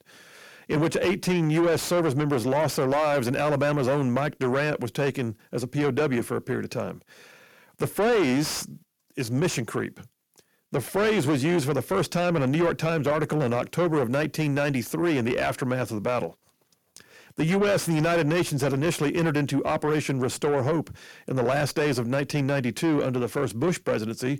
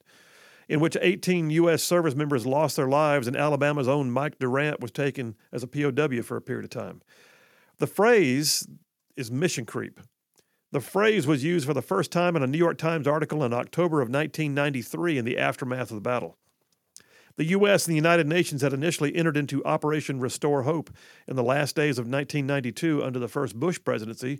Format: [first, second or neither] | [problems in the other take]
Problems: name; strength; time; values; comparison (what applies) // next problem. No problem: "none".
second | distortion; heavy; 7 dB below the speech